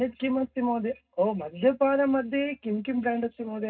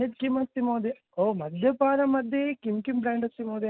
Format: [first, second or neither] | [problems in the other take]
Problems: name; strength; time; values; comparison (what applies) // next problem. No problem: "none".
second | room echo; dies away in 0.2 s